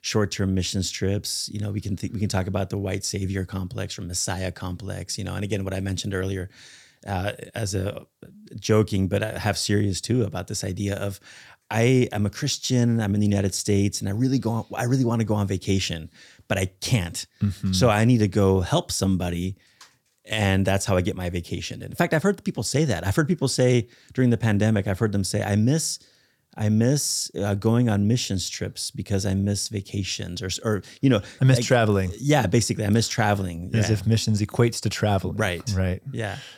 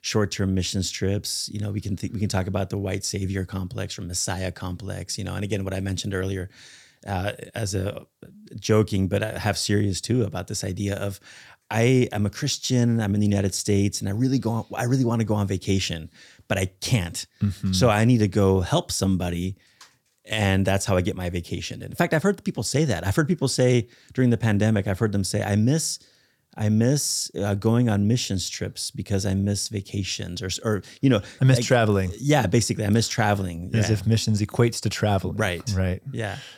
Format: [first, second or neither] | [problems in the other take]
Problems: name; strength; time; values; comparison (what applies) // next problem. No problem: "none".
neither | none